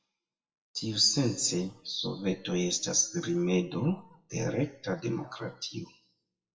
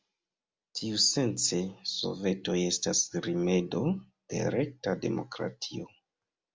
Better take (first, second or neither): second